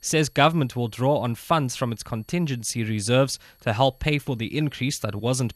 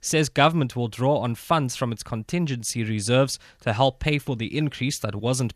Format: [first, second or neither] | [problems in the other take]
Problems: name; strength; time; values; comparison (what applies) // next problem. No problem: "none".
second | high-pitched whine; faint; throughout; 11.5 kHz, 35 dB below the speech